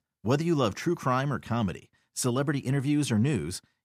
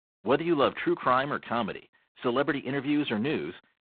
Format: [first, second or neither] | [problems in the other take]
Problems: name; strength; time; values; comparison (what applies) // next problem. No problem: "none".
first | phone-call audio; poor line; nothing above 3.5 kHz